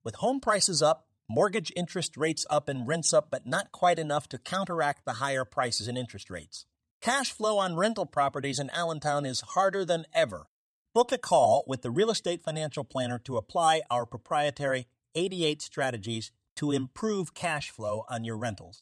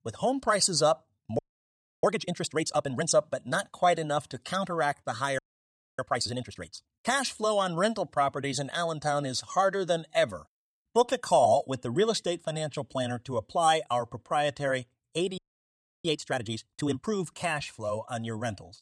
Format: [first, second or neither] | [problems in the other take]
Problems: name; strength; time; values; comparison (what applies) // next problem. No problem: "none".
first | audio freezing; at 1.5 s for 0.5 s, at 5.5 s for 0.5 s and at 15 s for 0.5 s